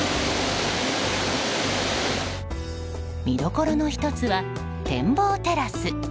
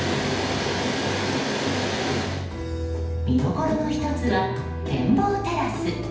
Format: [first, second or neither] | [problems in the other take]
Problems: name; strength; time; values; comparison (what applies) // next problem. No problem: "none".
first | room echo; dies away in 0.8 s